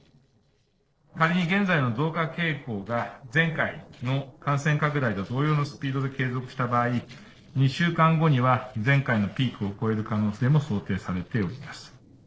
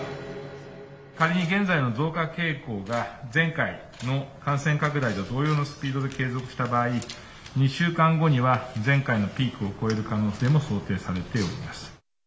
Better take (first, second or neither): second